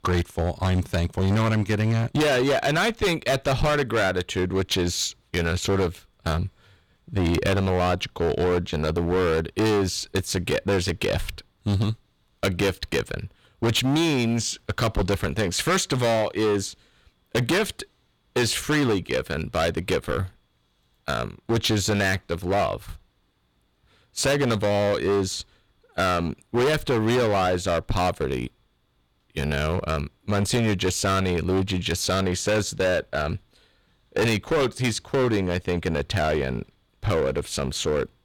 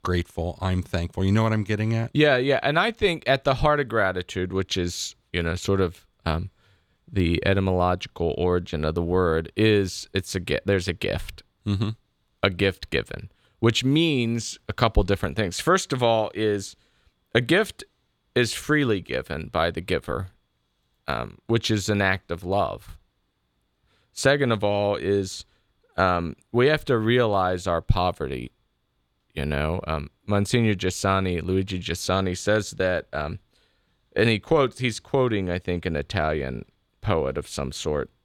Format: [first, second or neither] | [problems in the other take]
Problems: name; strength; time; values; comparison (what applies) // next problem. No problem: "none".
second | distortion; heavy; 15% of the sound clipped